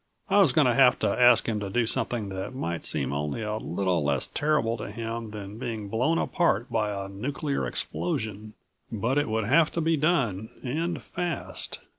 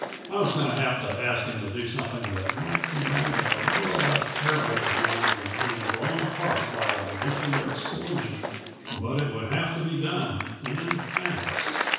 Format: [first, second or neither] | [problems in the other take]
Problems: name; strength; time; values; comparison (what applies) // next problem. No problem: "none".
first | background sound (Applause); 1 dB below the speech // room echo; dies away in 1.1 s